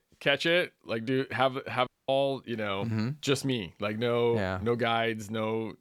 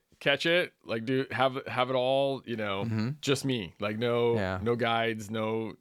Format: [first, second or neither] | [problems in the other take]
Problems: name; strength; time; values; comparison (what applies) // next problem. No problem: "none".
second | audio cutting out; at 2 s